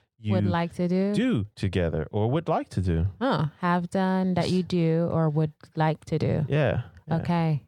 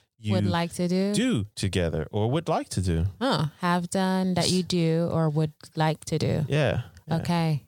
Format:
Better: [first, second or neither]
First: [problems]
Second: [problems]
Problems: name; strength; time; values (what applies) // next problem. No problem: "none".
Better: second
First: muffled; slightly; fading above 3.5 kHz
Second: none